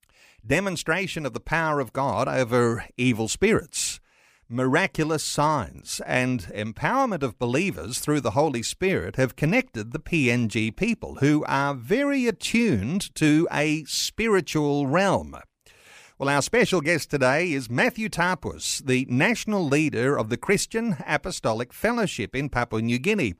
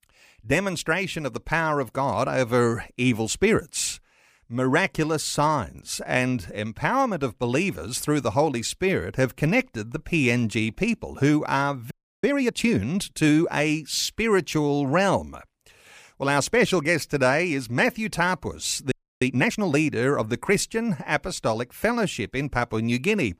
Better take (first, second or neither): first